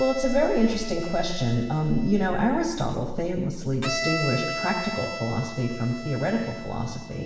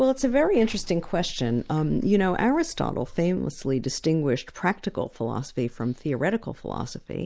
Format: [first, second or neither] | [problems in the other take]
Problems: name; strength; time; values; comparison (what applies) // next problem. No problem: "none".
second | background sound (Bowed string instrument); 10 dB below the speech // room echo; dies away in 1 s